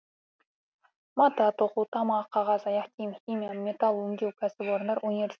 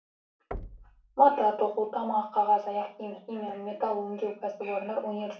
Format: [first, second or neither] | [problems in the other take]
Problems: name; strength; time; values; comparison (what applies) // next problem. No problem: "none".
first | background sound (Knock); 18 dB below the speech // room echo; dies away in 0.3 s